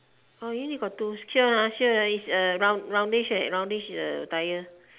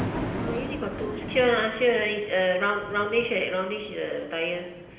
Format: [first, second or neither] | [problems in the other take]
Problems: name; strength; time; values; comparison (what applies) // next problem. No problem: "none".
first | background sound (Thunder); 9 dB below the speech // room echo; dies away in 0.9 s